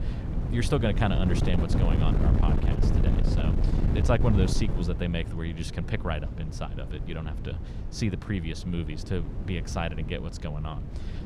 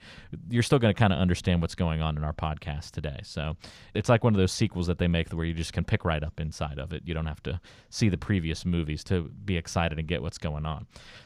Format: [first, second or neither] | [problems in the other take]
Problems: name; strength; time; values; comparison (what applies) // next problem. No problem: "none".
second | wind noise on the microphone; heavy; 5 dB below the speech